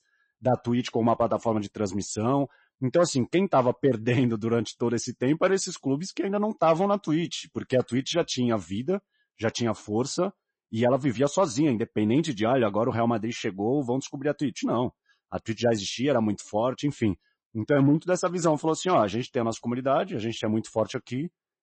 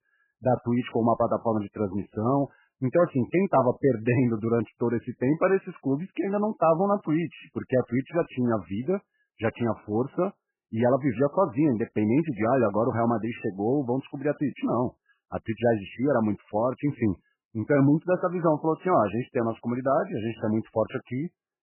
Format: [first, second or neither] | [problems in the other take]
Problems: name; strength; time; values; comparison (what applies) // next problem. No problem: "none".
first | garbled, watery; badly; nothing above 3 kHz; slightly in the first